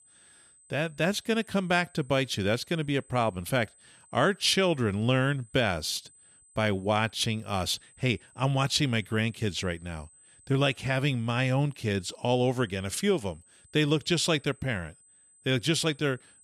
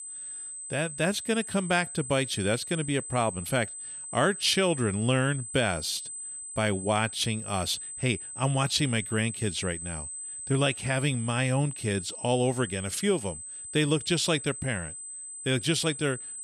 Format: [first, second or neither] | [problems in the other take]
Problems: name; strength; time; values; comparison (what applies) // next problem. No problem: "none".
first | high-pitched whine; loud; throughout; 8 kHz, 8 dB below the speech; faint in the first